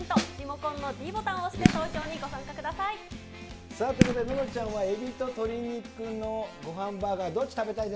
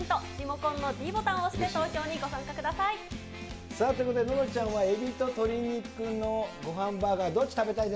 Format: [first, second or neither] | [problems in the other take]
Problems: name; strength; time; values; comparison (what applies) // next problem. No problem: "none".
second | background sound (Fireworks + Snare drum); 3 dB above the speech